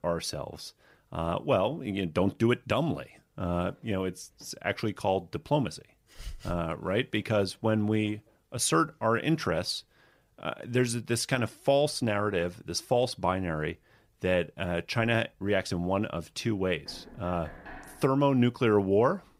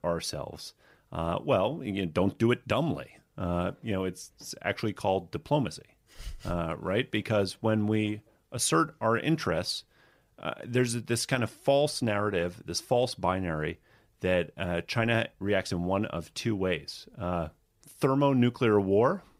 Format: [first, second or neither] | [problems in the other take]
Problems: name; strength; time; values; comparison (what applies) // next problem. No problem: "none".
second | door banging; faint; from 17 to 18 s; peak 15 dB below the speech